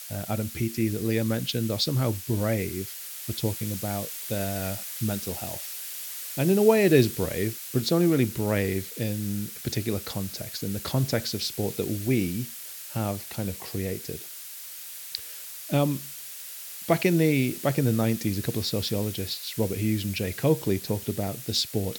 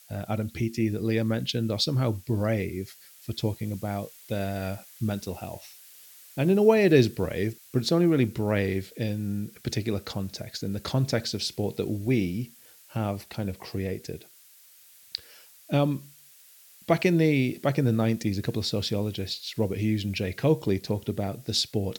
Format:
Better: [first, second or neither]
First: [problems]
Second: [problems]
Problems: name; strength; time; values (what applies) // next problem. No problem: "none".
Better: second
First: hiss; loud; throughout; 9 dB below the speech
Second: hiss; faint; throughout; 25 dB below the speech